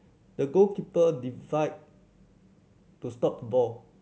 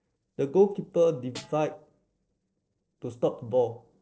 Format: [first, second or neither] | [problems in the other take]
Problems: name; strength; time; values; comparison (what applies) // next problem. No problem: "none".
first | noise reduction (neural separator model SepFormer DNS4)